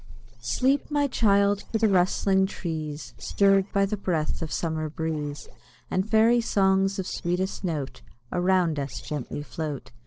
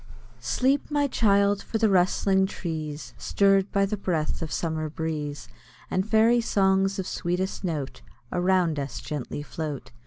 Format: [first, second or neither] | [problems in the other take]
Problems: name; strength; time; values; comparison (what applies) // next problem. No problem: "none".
second | noise reduction (neural separator model SepFormer DNS4)